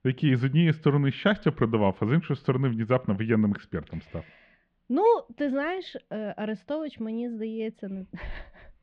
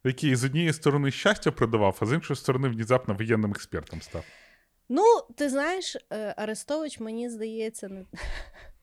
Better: second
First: muffled; slightly; fading above 3 kHz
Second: none

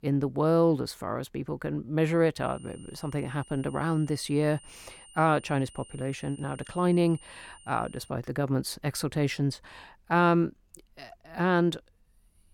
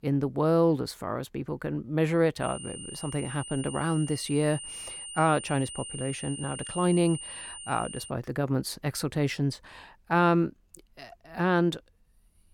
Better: first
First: high-pitched whine; faint; from 2.5 to 8 s; 9 kHz, 20 dB below the speech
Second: high-pitched whine; loud; from 2.5 to 8 s; 9 kHz, 10 dB below the speech

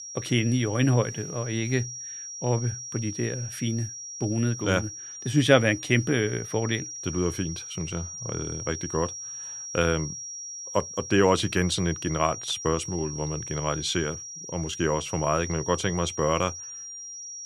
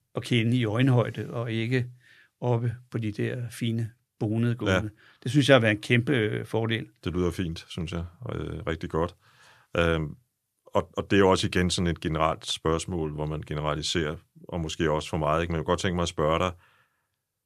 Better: second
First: high-pitched whine; loud; throughout; 5.5 kHz, 9 dB below the speech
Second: none

